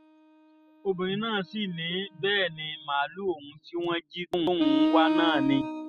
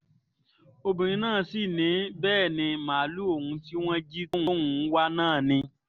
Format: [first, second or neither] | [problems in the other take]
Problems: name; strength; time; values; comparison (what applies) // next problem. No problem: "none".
second | noise reduction (classical method spectral subtraction)